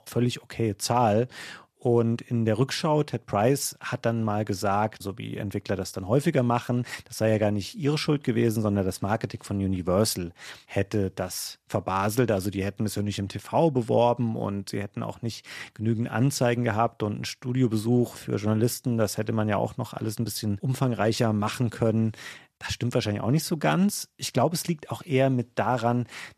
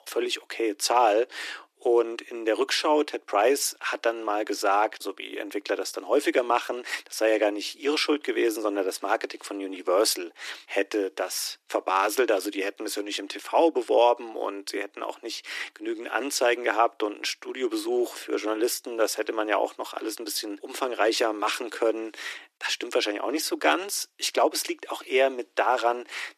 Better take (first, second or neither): first